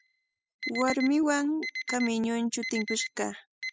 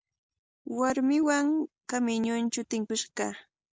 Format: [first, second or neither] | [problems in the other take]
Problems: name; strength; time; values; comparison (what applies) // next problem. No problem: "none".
second | noise reduction (classical method spectral subtraction)